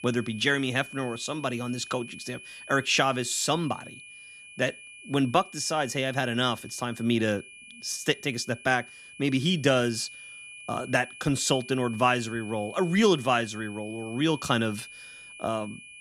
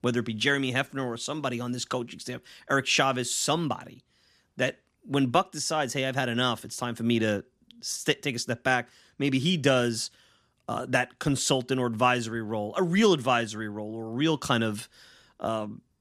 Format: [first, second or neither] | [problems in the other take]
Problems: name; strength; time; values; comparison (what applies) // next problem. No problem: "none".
second | high-pitched whine; noticeable; throughout; 2.5 kHz, 15 dB below the speech